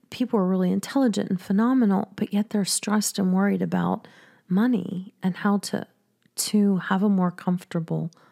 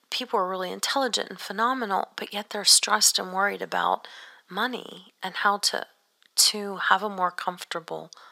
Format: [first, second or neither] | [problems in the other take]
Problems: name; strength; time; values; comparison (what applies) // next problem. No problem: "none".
first | thin; very; fading below 750 Hz